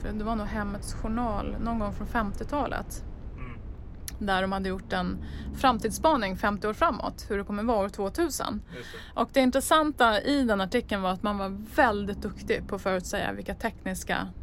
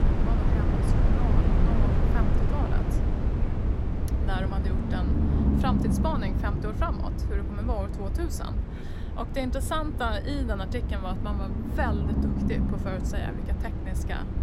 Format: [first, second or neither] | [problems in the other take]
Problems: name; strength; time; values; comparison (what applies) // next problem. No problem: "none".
first | low rumble; loud; throughout; 2 dB below the speech; faint in the first